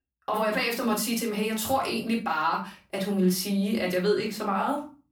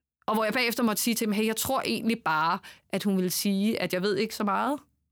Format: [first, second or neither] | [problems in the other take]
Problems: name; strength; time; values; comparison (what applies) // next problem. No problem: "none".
second | off-mic speech; far // room echo; slight; dies away in 0.3 s